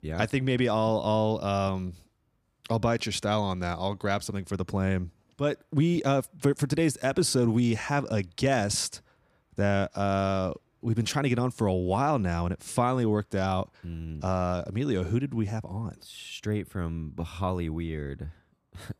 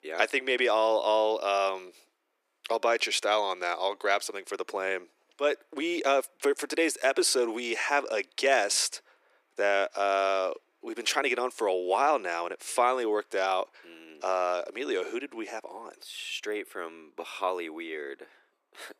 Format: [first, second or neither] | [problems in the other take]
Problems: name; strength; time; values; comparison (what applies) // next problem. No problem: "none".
first | thin; very; fading below 350 Hz